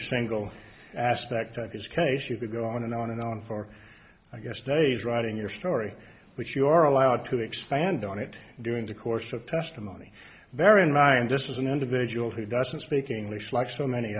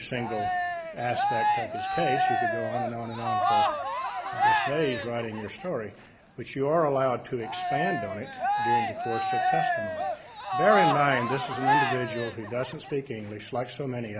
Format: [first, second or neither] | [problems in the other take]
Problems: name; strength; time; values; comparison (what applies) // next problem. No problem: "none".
first | background sound (Cheering); 2 dB above the speech